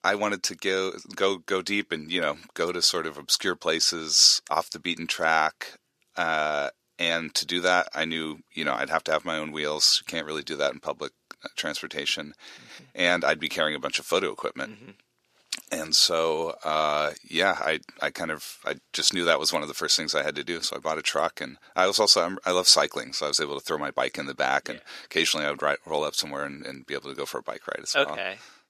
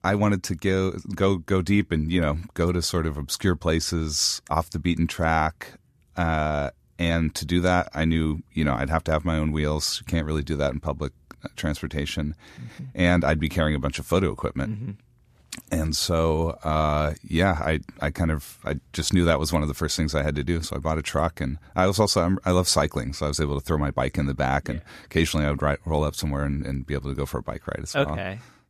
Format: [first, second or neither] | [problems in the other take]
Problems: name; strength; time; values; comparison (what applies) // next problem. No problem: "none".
second | thin; somewhat; fading below 450 Hz